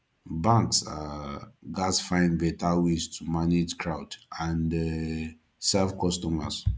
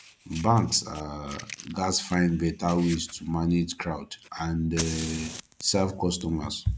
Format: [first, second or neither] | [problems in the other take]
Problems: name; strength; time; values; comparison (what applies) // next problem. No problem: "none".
first | background sound (Fire); 16 dB below the speech